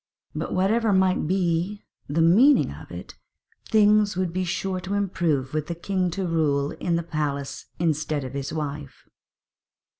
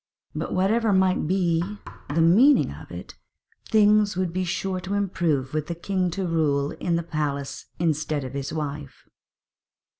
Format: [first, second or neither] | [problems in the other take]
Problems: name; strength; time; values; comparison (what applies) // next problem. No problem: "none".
first | background sound (Knock); 20 dB below the speech